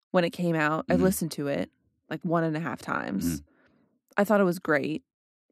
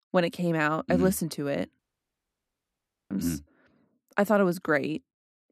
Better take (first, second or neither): first